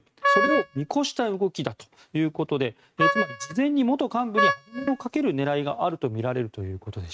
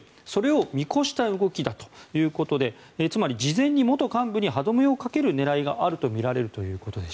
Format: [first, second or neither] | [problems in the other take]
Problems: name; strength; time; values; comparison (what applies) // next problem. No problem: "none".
second | noise reduction (neural mask model RNNoise)